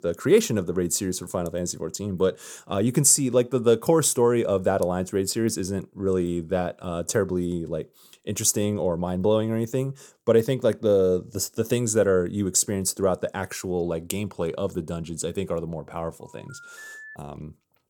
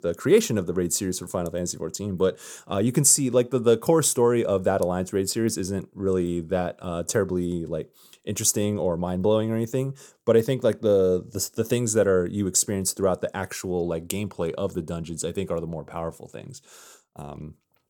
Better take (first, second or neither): second